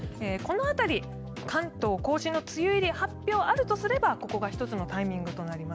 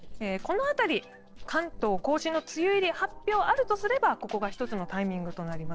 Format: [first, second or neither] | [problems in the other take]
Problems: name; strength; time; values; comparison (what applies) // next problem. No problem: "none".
first | noise reduction (neural separator model SepFormer DNS4)